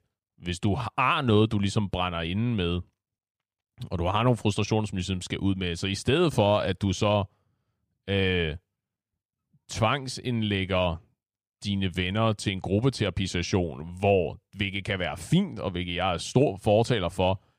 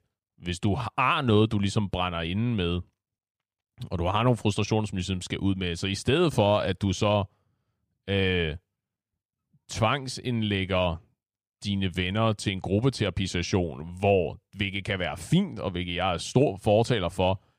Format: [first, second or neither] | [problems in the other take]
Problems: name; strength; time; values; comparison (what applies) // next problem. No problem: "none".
neither | none